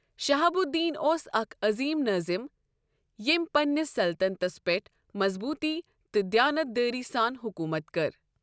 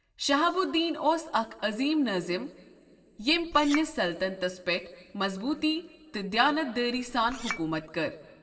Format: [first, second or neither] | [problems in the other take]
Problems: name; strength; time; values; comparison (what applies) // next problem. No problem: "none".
first | background sound (Chink, clink); 11 dB below the speech // room echo; dies away in 1.4 s